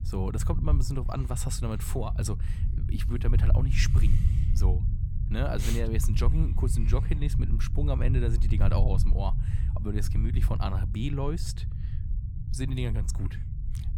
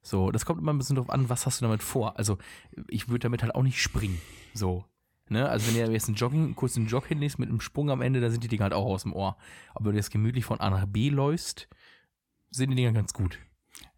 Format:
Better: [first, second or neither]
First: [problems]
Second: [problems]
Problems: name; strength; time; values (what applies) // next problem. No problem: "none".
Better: second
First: low rumble; loud; throughout; 8 dB below the speech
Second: none